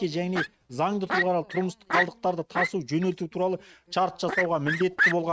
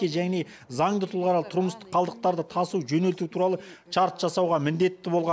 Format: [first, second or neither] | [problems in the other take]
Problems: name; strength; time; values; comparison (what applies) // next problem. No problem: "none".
second | noise reduction (neural mask model RNNoise)